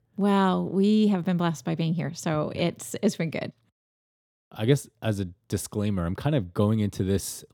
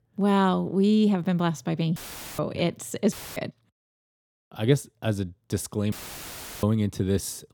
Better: first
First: none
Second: audio cutting out; filled with static; at 2 s, at 3 s and at 6 s for 0.5 s

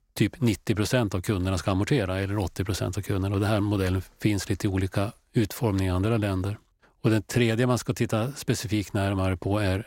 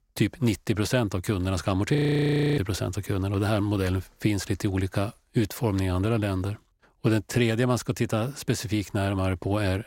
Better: first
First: none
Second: audio freezing; at 2 s for 0.5 s

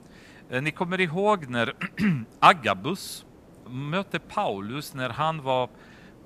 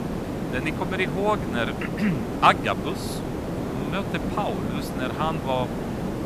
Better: first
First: hiss; faint; throughout; 25 dB below the speech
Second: hiss; loud; throughout; 3 dB below the speech

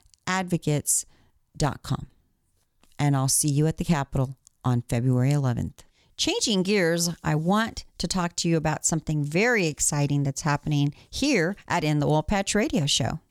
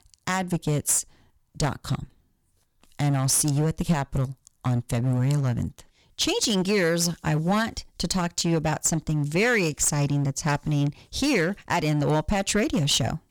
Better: first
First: none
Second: distortion; slight; 7% of the sound clipped

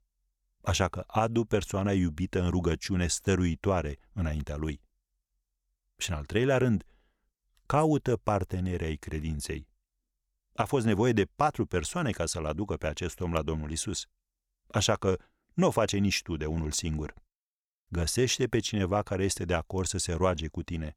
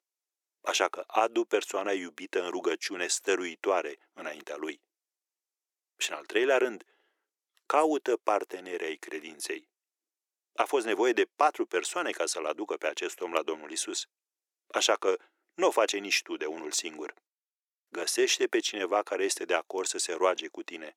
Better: first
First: none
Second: thin; very; fading below 350 Hz

